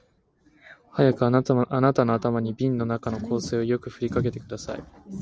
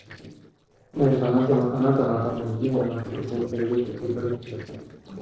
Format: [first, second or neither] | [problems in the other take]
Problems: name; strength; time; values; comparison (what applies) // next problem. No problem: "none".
first | noise reduction (neural separator model SepFormer DNS4)